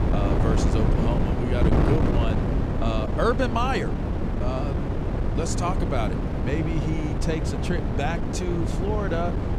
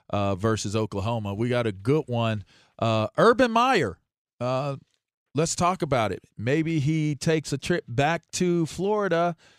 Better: second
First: wind noise on the microphone; heavy; 2 dB below the speech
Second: none

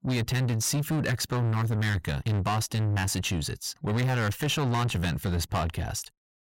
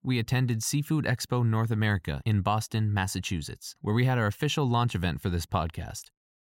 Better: second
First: distortion; heavy; 7 dB below the speech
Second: none

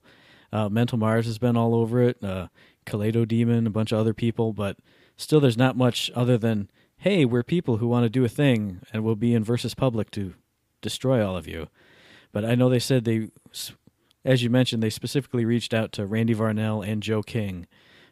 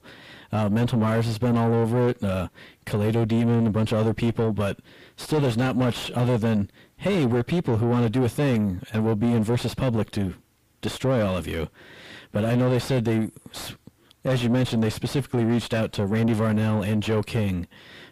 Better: first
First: none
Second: distortion; heavy; 6 dB below the speech

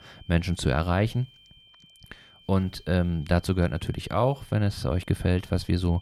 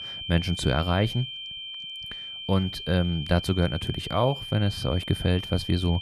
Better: first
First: high-pitched whine; faint; throughout; 3 kHz, 25 dB below the speech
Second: high-pitched whine; loud; throughout; 3 kHz, 8 dB below the speech

